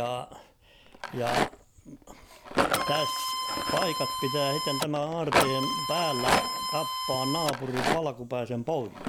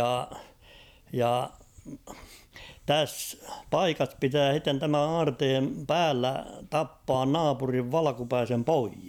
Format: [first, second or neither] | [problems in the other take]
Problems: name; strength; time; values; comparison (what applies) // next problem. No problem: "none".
second | background sound (Rattle + Printer); 2 dB above the speech